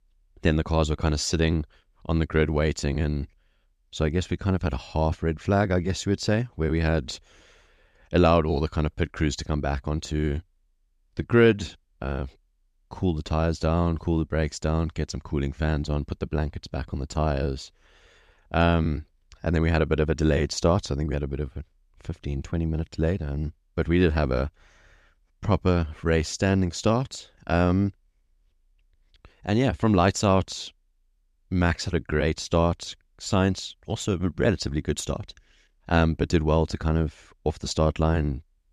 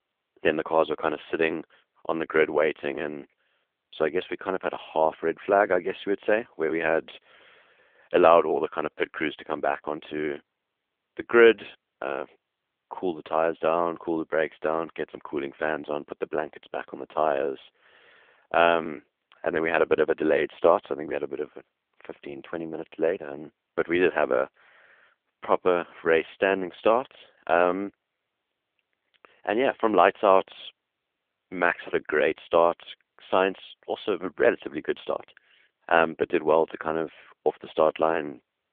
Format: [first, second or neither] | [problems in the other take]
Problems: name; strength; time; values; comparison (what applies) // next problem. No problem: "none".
first | phone-call audio; nothing above 3.5 kHz